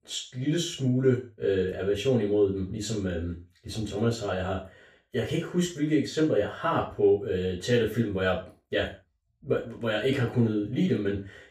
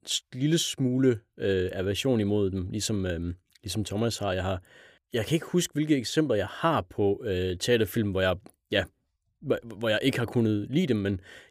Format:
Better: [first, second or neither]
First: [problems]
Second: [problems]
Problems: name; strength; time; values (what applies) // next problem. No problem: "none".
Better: second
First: room echo; noticeable; dies away in 0.3 s // off-mic speech; far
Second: none